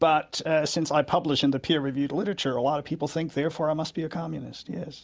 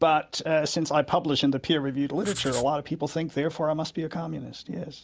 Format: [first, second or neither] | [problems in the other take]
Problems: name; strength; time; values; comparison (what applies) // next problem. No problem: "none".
first | background sound (Writing); 11 dB below the speech